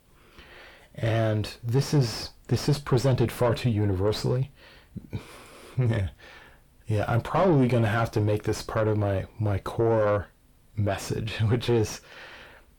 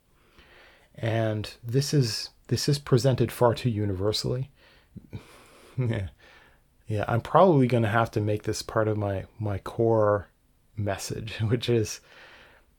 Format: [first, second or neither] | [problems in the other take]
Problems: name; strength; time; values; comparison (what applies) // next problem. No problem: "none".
second | distortion; heavy; 6 dB below the speech